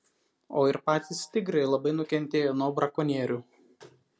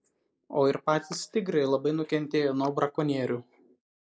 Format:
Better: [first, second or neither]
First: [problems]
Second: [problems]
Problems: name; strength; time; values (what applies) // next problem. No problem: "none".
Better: first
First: none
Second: noise reduction (neural mask model Resemble Enhance denoiser)